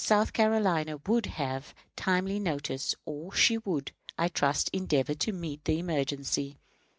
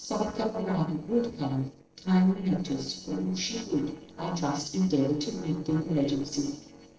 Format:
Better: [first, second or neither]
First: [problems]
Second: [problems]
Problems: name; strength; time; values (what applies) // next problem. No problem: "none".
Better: first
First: none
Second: noise reduction (neural separator model SepFormer DNS4)